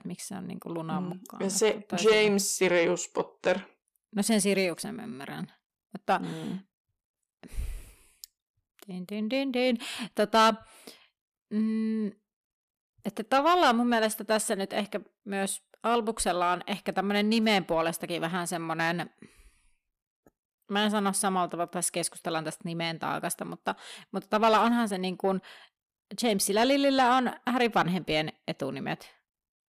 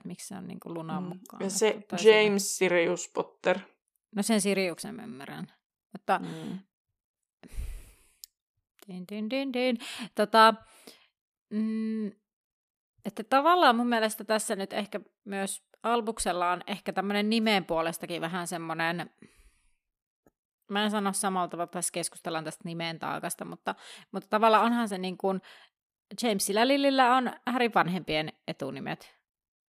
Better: second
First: distortion; slight; 10 dB below the speech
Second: none

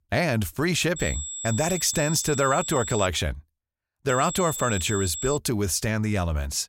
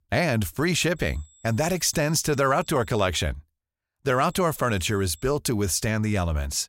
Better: second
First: high-pitched whine; loud; from 1 to 3 s and from 4 to 5.5 s; 7.5 kHz, 7 dB below the speech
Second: high-pitched whine; faint; from 1 to 3 s and from 4 to 5.5 s; 7.5 kHz, 30 dB below the speech

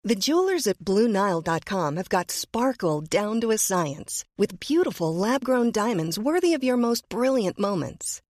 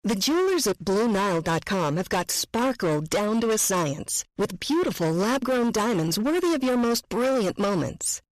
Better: first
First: none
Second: distortion; heavy; 25% of the sound clipped

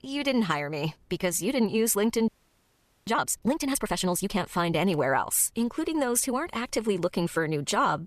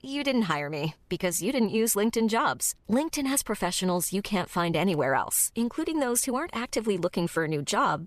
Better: second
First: audio freezing; at 2.5 s for 1 s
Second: none

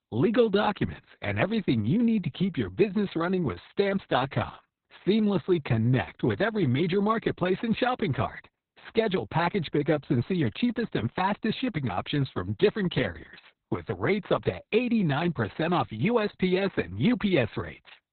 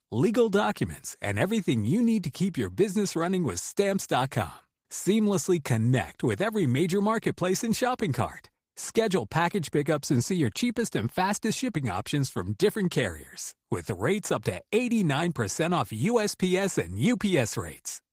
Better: second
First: garbled, watery; badly; nothing above 4 kHz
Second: garbled, watery; slightly; nothing above 15.5 kHz

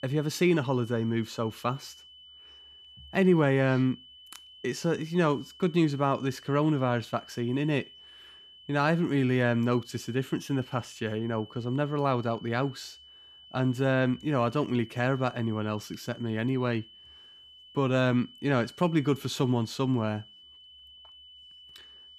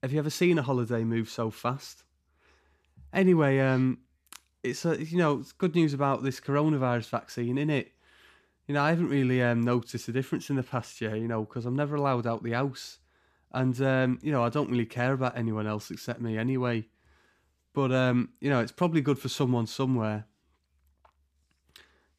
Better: second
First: high-pitched whine; faint; throughout; 3 kHz, 20 dB below the speech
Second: none

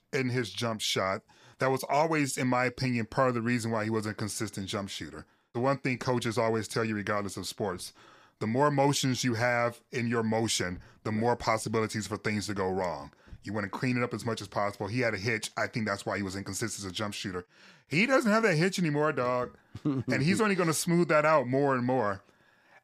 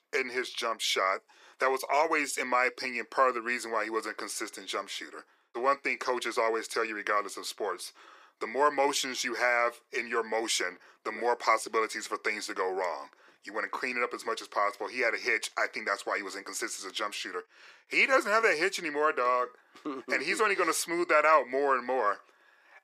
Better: first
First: none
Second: thin; very; fading below 350 Hz

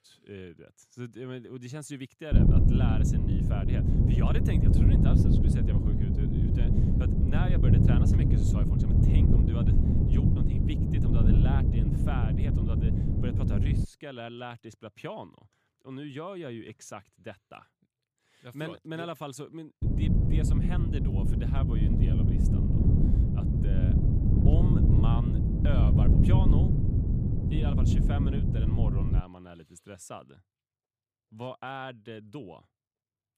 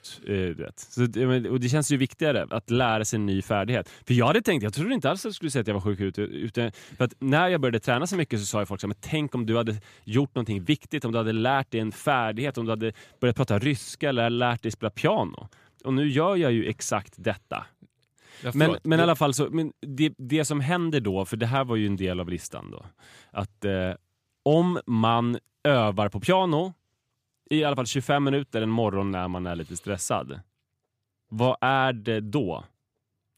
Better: second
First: wind noise on the microphone; heavy; from 2.5 to 14 s and from 20 to 29 s; 5 dB above the speech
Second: none

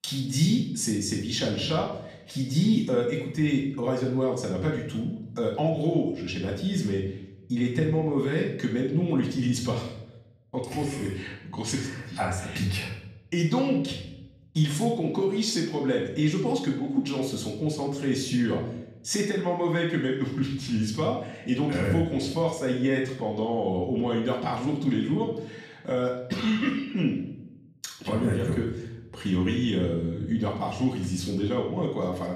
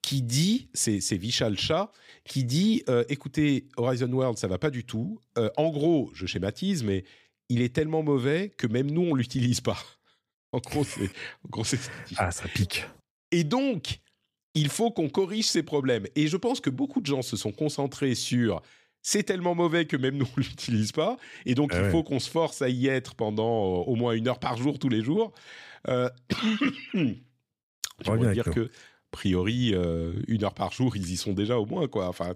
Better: second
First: off-mic speech; far // room echo; noticeable; dies away in 0.7 s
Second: none

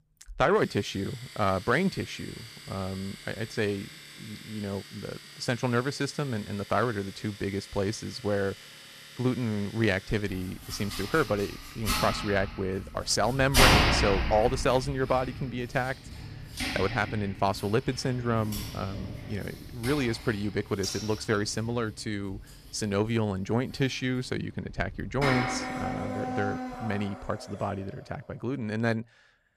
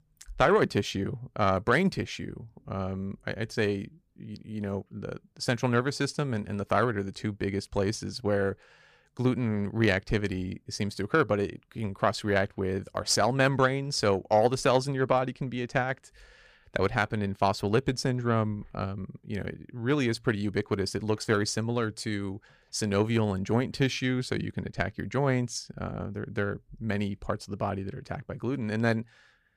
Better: second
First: household noises; loud; throughout; 3 dB below the speech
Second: none

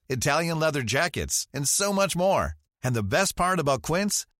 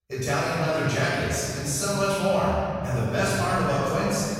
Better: first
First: none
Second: room echo; strong; dies away in 2.7 s // off-mic speech; far

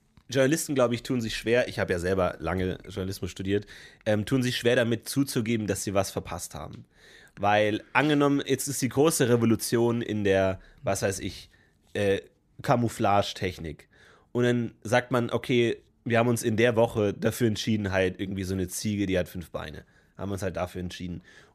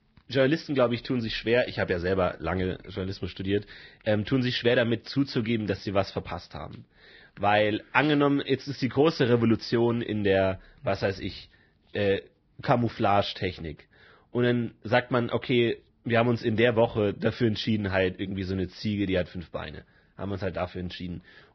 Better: first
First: none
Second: garbled, watery; badly; nothing above 5.5 kHz

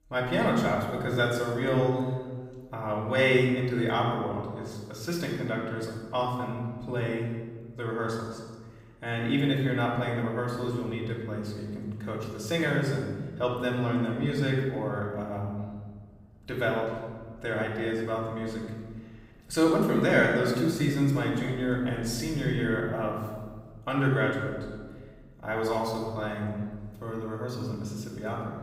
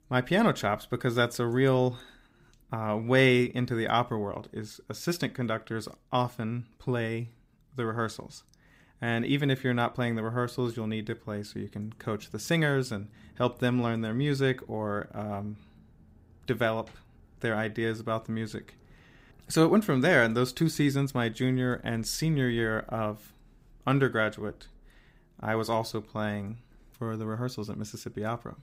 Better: second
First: off-mic speech; far // room echo; noticeable; dies away in 1.3 s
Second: none

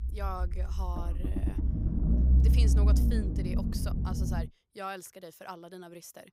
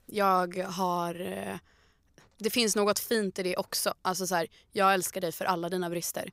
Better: second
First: low rumble; loud; until 4.5 s; as loud as the speech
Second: none

